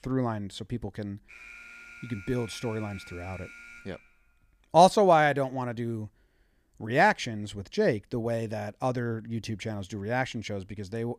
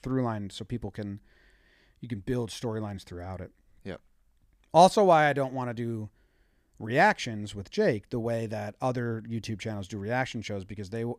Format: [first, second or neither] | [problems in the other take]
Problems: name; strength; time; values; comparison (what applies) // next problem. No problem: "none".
second | alarm; faint; from 1.5 to 4 s; peak 15 dB below the speech